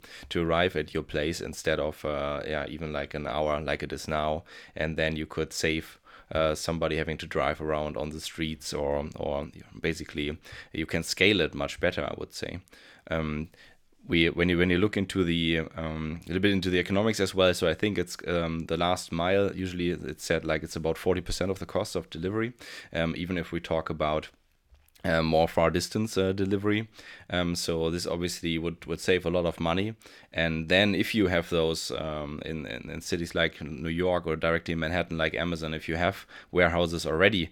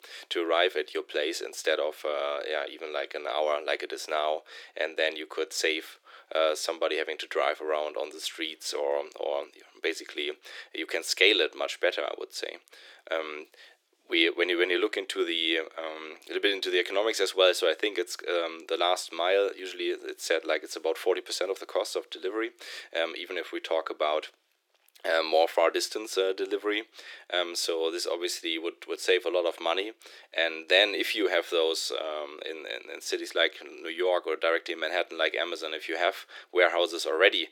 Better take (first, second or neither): first